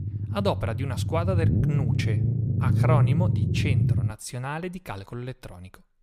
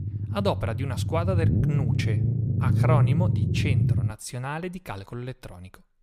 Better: neither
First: low rumble; loud; until 4 s; 4 dB below the speech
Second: low rumble; loud; until 4 s; 4 dB below the speech

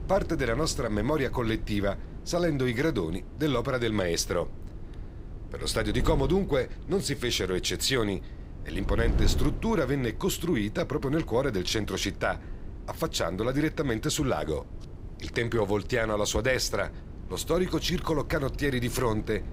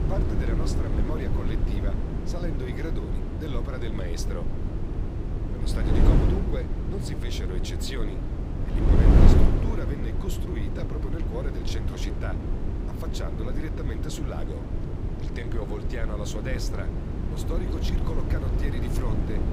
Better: first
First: wind noise on the microphone; occasional gusts; 20 dB below the speech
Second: wind noise on the microphone; heavy; 2 dB above the speech

